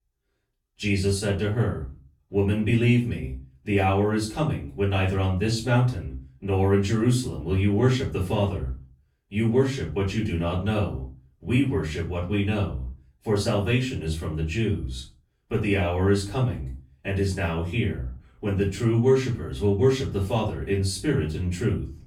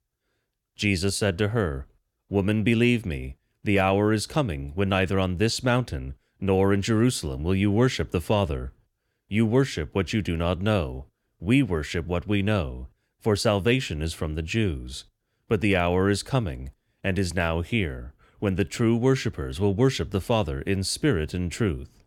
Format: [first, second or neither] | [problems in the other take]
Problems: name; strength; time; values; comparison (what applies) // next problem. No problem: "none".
second | off-mic speech; far // room echo; slight; dies away in 0.3 s